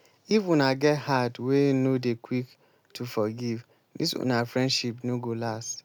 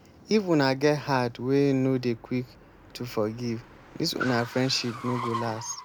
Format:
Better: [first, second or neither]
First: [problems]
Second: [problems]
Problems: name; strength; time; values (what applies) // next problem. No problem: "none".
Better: first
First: none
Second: background sound (Car); 14 dB below the speech